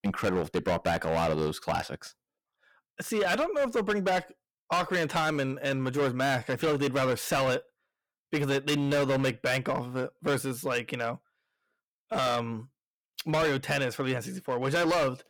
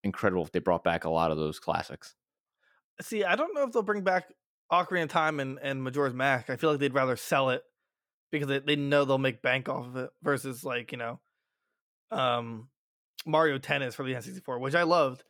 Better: second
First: distortion; heavy; 13% of the sound clipped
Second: none

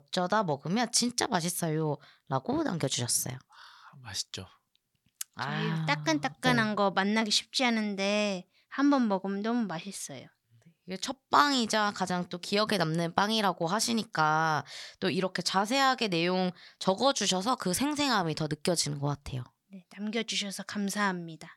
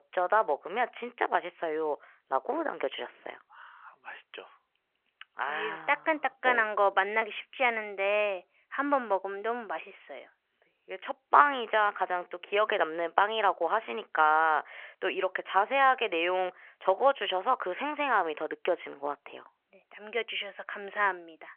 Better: first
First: none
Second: phone-call audio; nothing above 3 kHz

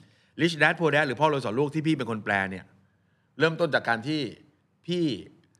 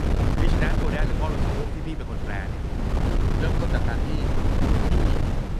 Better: first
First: none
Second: wind noise on the microphone; heavy; 3 dB above the speech

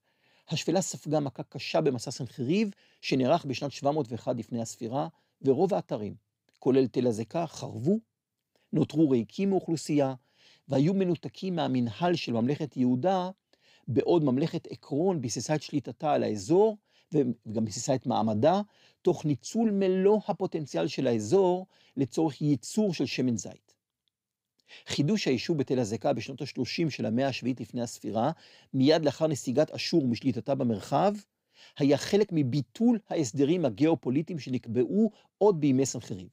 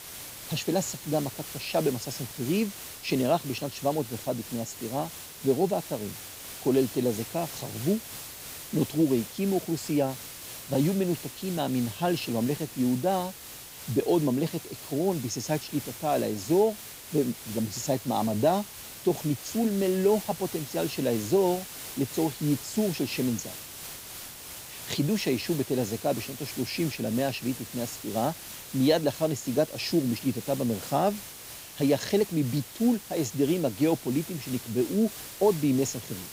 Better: first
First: none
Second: hiss; noticeable; throughout; 10 dB below the speech

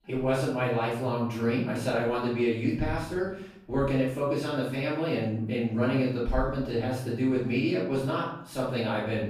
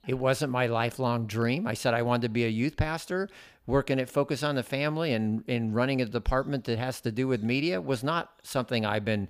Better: second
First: off-mic speech; far // room echo; noticeable; dies away in 0.6 s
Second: none

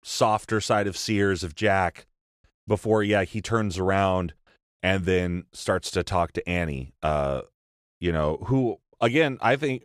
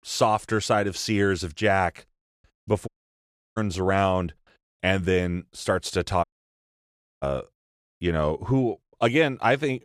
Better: first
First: none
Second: audio cutting out; at 3 s for 0.5 s and at 6 s for 1 s

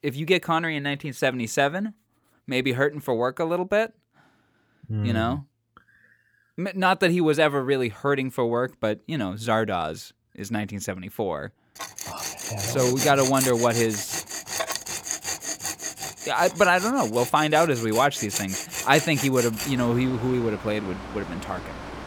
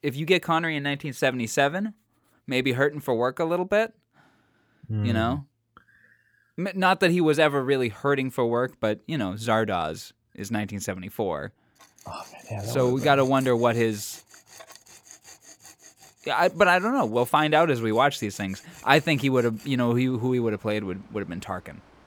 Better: second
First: machinery noise; loud; from 12 s on; 6 dB below the speech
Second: machinery noise; faint; from 12 s on; 25 dB below the speech

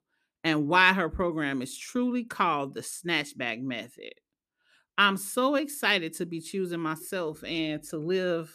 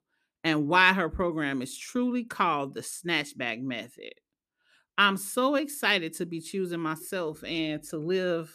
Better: neither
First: none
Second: none

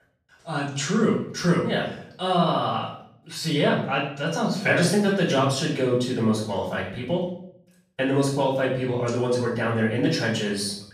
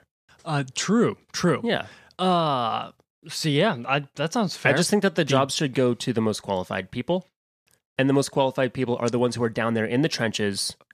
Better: second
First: off-mic speech; far // room echo; noticeable; dies away in 0.5 s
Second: none

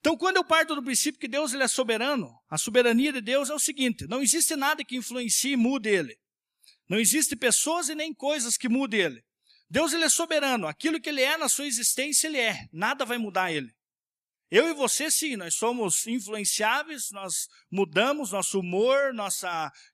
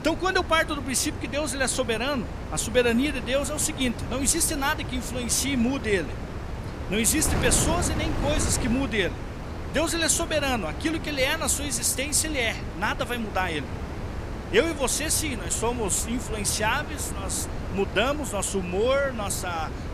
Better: first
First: none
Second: wind noise on the microphone; occasional gusts; 10 dB below the speech

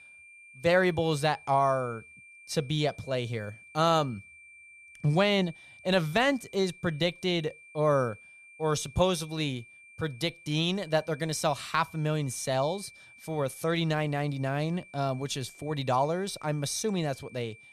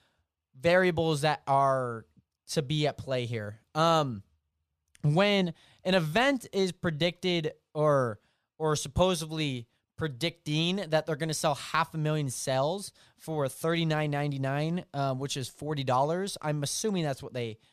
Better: second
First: high-pitched whine; faint; throughout; 2.5 kHz, 20 dB below the speech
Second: none

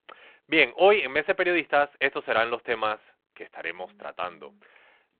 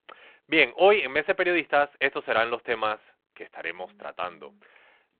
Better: neither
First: phone-call audio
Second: phone-call audio

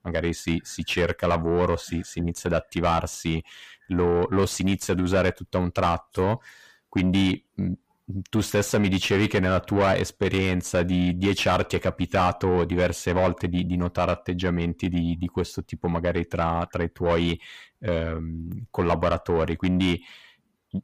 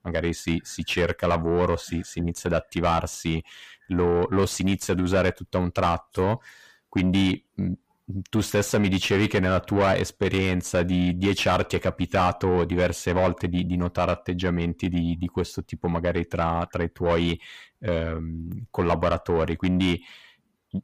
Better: neither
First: distortion; heavy; 8 dB below the speech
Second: distortion; heavy; 8 dB below the speech

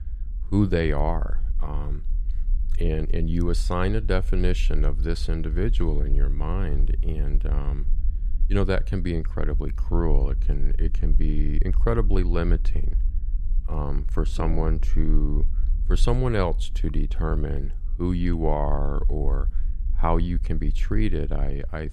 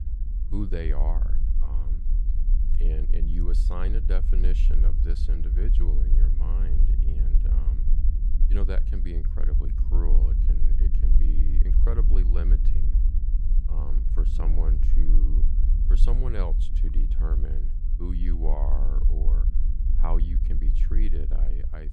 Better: first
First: low rumble; faint; throughout; 20 dB below the speech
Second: low rumble; loud; throughout; 5 dB below the speech

